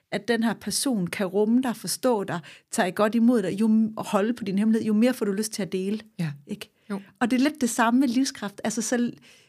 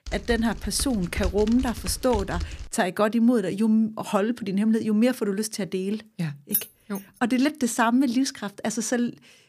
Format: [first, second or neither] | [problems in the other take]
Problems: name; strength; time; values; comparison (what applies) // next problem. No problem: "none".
first | keyboard typing; noticeable; until 2.5 s; peak 8 dB below the speech // jangling keys; noticeable; at 6.5 s; peak 2 dB below the speech